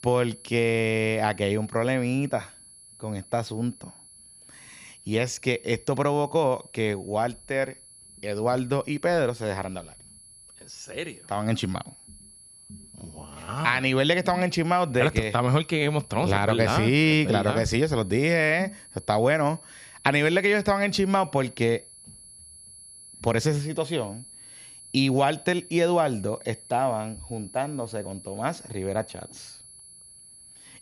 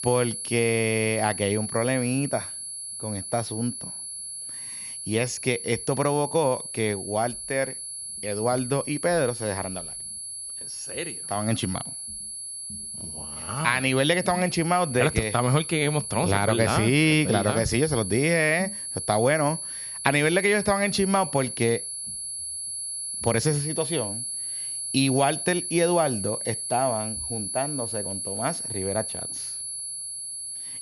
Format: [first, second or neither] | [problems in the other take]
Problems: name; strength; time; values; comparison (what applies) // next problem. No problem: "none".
first | high-pitched whine; loud; throughout; 10.5 kHz, 6 dB below the speech; faint in the first